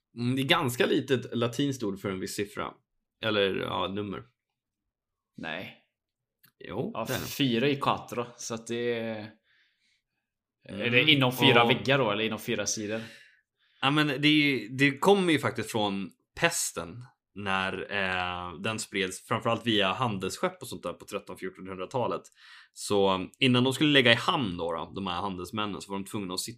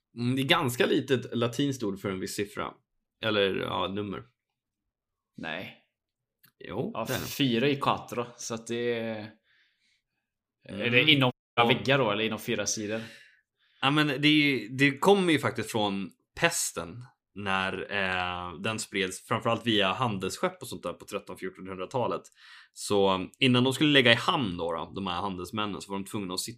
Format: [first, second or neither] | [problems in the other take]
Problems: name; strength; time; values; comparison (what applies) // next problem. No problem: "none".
first | audio cutting out; at 11 s